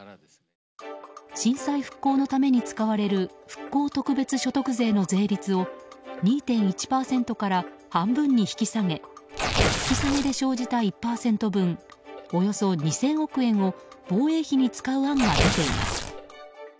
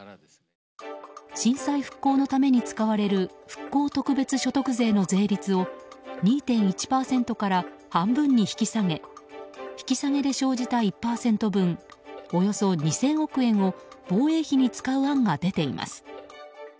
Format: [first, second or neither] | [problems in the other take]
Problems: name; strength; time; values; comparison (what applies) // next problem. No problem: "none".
second | background sound (Tearing); 2 dB below the speech